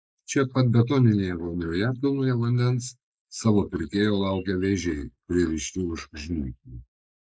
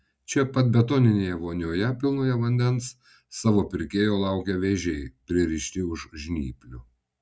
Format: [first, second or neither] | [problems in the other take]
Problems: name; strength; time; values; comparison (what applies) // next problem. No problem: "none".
second | noise reduction (neural mask model Resemble Enhance denoiser)